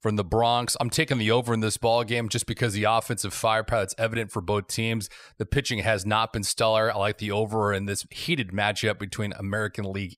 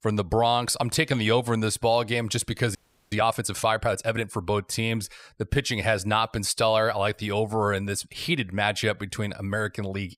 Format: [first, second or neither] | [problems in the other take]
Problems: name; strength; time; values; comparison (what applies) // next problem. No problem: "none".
first | audio freezing; at 3 s